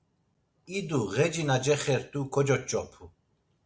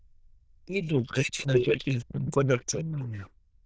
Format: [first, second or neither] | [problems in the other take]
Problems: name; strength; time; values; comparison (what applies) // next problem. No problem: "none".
first | noise reduction (neural diffusion model UNIVERSE++)